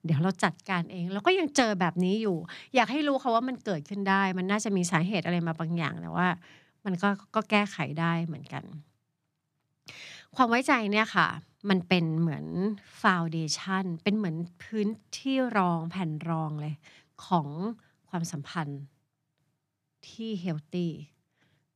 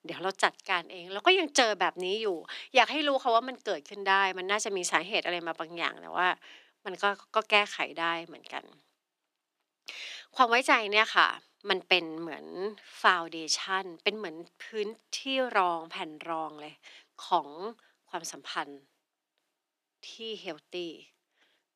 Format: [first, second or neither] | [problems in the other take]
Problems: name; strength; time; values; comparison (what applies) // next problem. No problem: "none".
first | thin; very; fading below 350 Hz